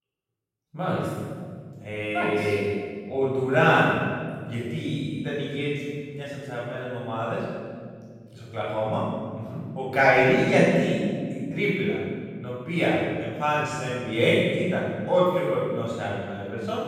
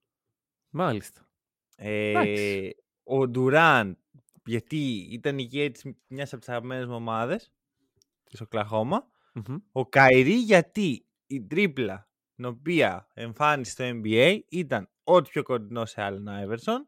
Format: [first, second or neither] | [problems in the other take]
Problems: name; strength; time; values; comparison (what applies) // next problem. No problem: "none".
second | room echo; strong; dies away in 1.8 s // off-mic speech; far